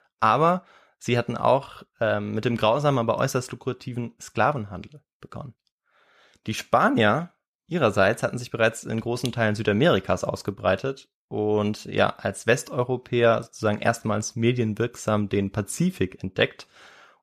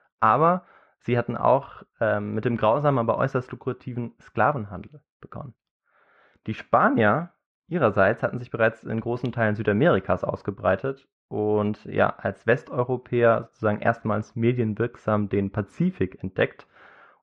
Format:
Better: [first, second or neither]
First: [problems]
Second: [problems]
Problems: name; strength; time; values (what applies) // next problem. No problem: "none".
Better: first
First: none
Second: muffled; very; fading above 1.5 kHz